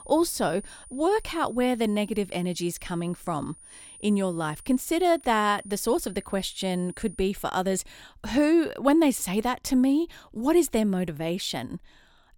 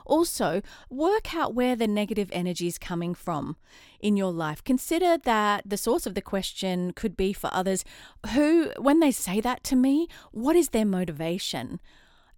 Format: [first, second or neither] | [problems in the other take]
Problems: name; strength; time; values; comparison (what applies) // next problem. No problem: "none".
second | high-pitched whine; faint; until 7 s; 9.5 kHz, 20 dB below the speech